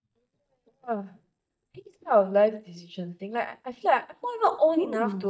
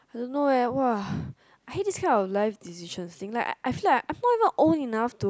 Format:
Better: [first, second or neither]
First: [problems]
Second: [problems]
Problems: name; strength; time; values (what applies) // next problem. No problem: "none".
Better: second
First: noise reduction (neural mask model DeepFilterNet 3)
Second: none